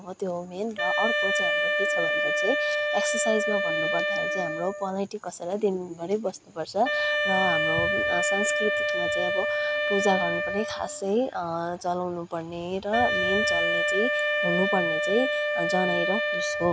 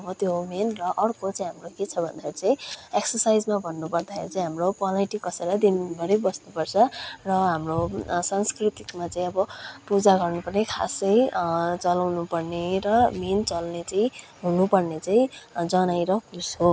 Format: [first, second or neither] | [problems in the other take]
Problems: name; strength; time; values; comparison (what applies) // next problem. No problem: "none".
second | background sound (Wind instrument, woodwind instrument); 2 dB above the speech